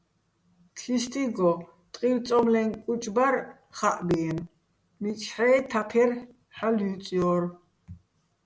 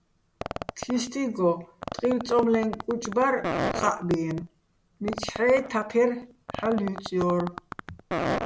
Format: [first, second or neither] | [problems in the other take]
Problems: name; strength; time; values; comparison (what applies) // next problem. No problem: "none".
first | background sound (Fart); 8 dB below the speech